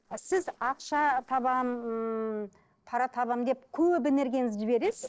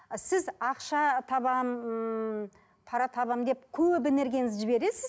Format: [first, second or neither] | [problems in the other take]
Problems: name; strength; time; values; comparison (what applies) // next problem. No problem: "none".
second | noise reduction (neural separator model SepFormer DNS4)